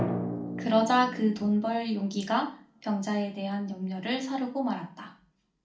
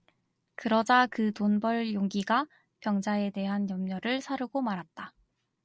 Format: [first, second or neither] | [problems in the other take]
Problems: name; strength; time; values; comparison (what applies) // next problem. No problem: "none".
second | background sound (Drum); 10 dB below the speech // room echo; dies away in 0.4 s